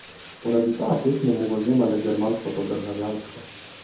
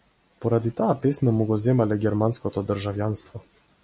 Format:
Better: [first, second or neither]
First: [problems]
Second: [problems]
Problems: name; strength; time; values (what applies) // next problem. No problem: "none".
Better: second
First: background sound (Bathtub (filling or washing)); 20 dB below the speech // room echo; dies away in 0.6 s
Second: none